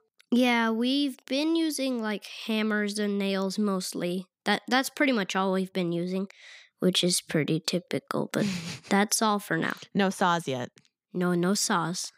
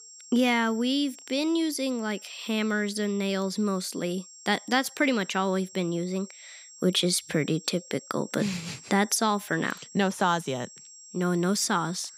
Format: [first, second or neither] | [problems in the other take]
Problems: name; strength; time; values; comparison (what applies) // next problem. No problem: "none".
first | high-pitched whine; noticeable; throughout; 7.5 kHz, 20 dB below the speech